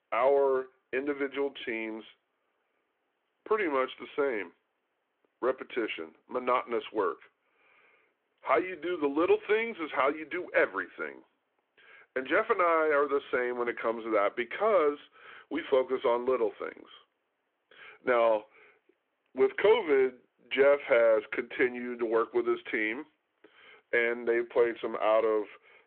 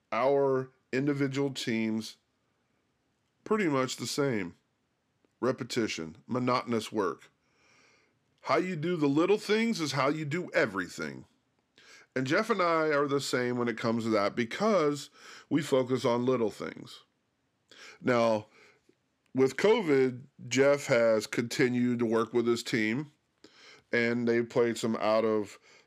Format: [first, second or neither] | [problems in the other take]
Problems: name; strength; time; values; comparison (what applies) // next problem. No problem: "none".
second | phone-call audio